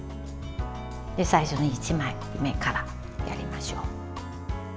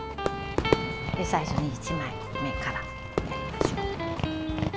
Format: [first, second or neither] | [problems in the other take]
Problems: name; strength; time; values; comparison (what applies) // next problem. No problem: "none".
first | background sound (Electric guitar + Fireworks); 4 dB above the speech